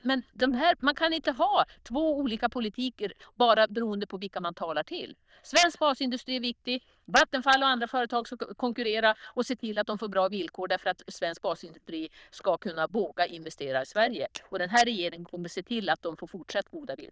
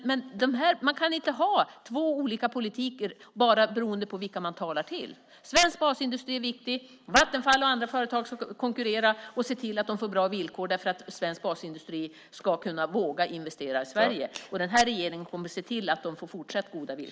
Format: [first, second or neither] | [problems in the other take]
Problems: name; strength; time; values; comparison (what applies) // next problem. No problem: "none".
second | noise reduction (neural diffusion model UNIVERSE++)